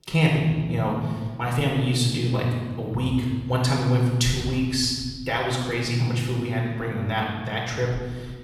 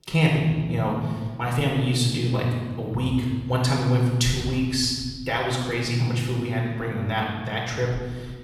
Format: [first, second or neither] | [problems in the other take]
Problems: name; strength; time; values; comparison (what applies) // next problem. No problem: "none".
neither | off-mic speech; far; the same in both // room echo; noticeable; dies away in 1.5 s; the same in both